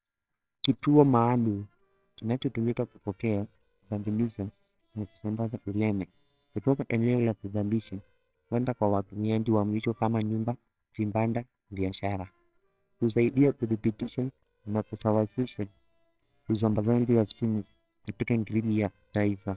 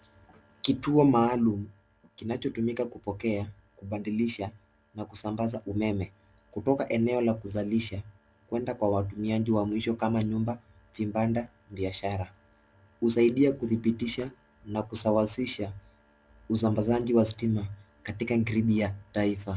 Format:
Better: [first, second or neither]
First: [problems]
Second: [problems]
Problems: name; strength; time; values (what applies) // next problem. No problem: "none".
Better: second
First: noise reduction (neural separator model SepFormer WHAMR!)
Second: none